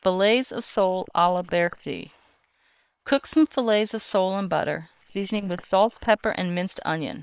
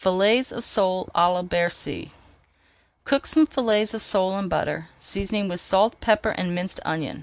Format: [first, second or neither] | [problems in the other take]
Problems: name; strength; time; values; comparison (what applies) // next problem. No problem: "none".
second | noise reduction (neural separator model SepFormer WHAM!)